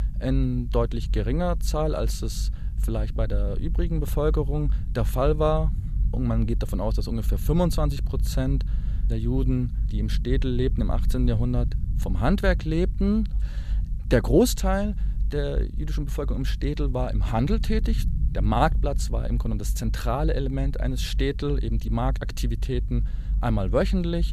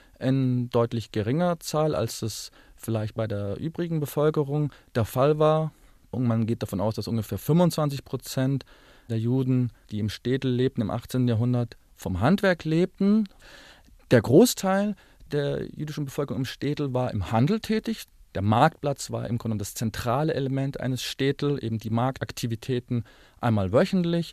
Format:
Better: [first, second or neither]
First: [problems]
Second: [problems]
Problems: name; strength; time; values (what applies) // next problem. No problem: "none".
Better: second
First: low rumble; noticeable; throughout; 20 dB below the speech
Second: none